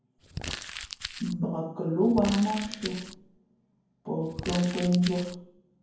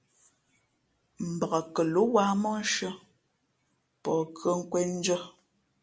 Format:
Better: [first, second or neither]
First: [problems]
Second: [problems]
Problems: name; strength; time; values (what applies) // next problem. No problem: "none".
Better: second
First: background sound (Crumpling, crinkling); 10 dB below the speech // room echo; dies away in 0.9 s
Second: none